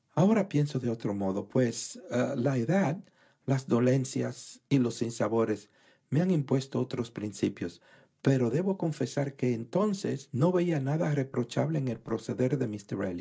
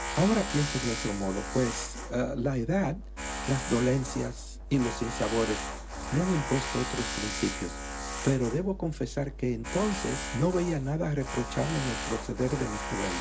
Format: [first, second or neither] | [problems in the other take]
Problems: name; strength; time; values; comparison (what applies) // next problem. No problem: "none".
first | background sound (Tools); 6 dB below the speech